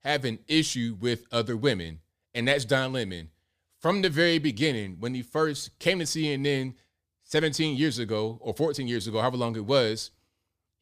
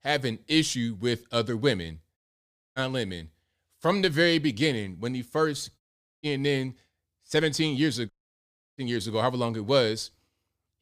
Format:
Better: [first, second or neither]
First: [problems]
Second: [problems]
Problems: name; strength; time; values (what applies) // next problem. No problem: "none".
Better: first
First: none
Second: audio cutting out; at 2 s for 0.5 s, at 6 s and at 8 s for 0.5 s